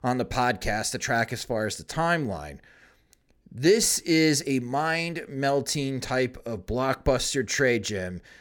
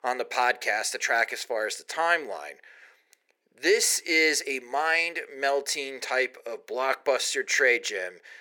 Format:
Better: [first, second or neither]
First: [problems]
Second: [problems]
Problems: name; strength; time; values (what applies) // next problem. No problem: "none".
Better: first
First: none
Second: thin; very; fading below 450 Hz